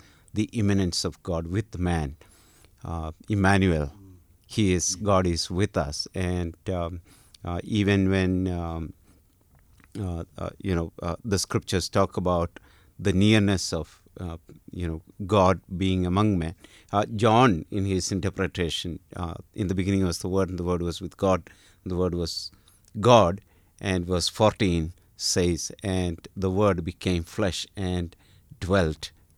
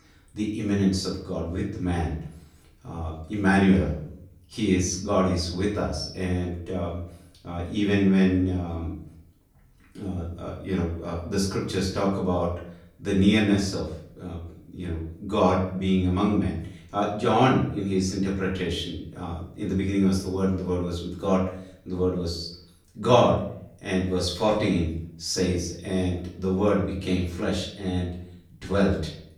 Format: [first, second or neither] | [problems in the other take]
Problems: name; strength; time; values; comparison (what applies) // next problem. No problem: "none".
first | room echo; noticeable; dies away in 0.6 s // off-mic speech; far